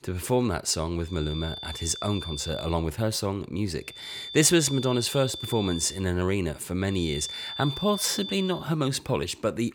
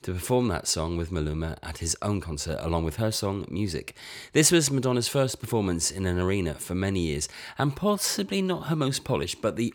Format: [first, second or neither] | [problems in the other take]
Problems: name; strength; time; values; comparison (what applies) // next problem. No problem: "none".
second | high-pitched whine; loud; from 1 to 2.5 s, from 4 to 6 s and from 7 to 8.5 s; 3.5 kHz, 9 dB below the speech